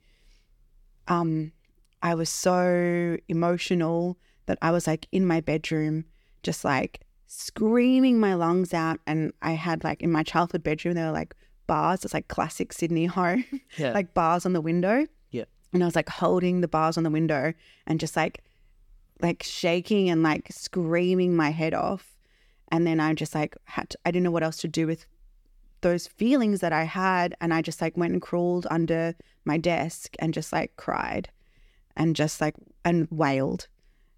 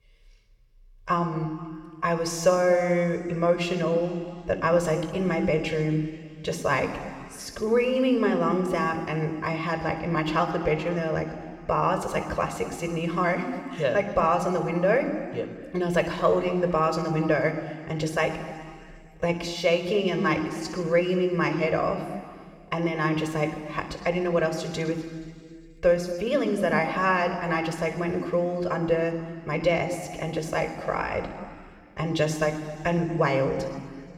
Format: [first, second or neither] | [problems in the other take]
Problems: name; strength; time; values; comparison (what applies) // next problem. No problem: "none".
first | room echo; noticeable; dies away in 2.2 s